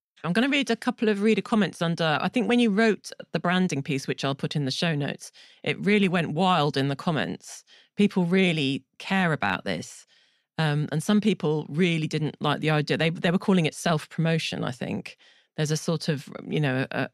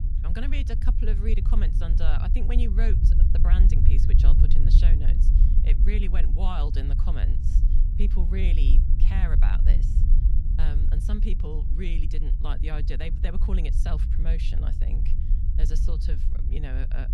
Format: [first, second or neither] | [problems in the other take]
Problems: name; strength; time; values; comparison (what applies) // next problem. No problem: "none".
first | low rumble; loud; throughout; 4 dB below the speech